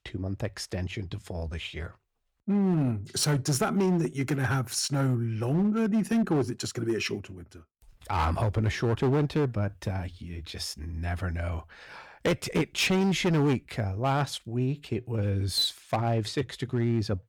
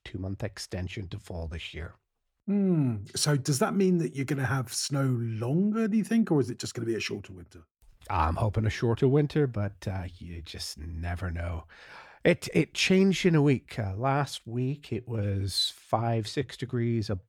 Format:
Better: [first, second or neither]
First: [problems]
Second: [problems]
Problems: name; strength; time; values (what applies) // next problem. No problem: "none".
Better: second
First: distortion; slight; 7% of the sound clipped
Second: none